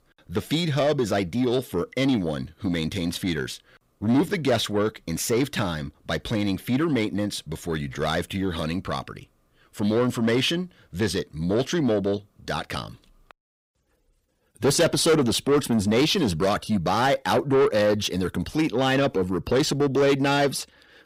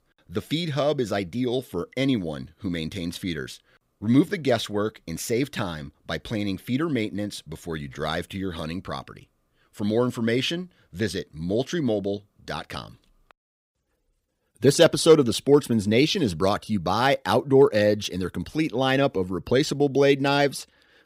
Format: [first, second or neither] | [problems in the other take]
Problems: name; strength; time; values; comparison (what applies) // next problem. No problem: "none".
second | distortion; heavy; 8 dB below the speech